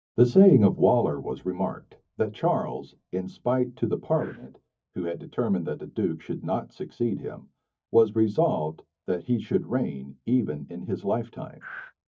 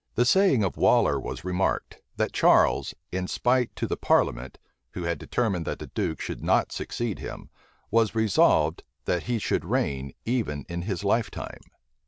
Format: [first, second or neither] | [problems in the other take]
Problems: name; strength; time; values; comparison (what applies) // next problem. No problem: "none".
second | noise reduction (neural mask model DeepFilterNet 3)